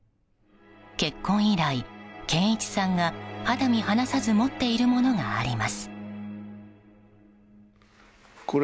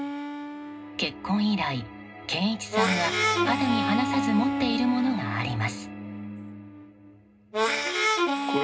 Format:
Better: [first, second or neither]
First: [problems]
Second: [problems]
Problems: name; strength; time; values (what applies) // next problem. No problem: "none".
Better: first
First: none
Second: background sound (Harmonica); as loud as the speech // room echo; dies away in 0.2 s